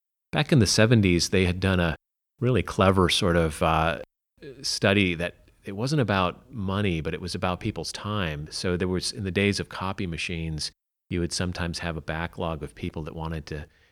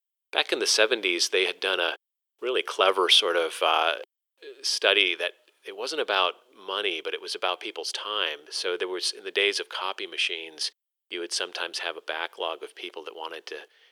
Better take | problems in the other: first | thin; very; fading below 400 Hz

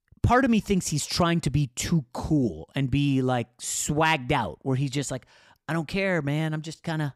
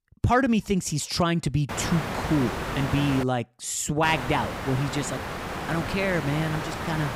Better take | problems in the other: first | hiss; loud; from 1.5 to 3 s and from 4 s on; 6 dB below the speech

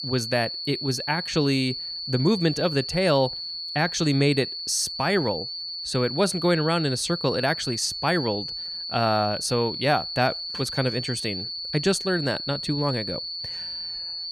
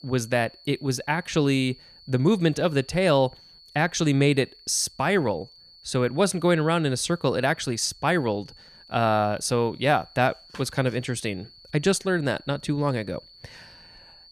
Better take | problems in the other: second | high-pitched whine; loud; throughout; 4.5 kHz, 5 dB below the speech; faint in the second

